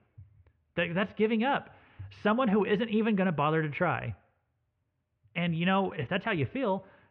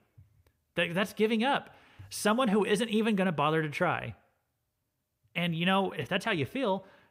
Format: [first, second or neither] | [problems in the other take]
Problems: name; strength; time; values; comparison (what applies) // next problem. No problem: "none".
second | muffled; very; fading above 3 kHz